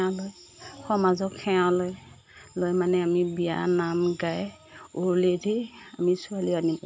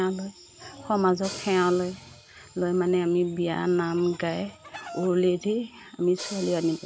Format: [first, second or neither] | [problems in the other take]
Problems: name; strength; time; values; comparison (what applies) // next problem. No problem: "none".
first | background sound (Hi-hat + Chicken, rooster); 19 dB below the speech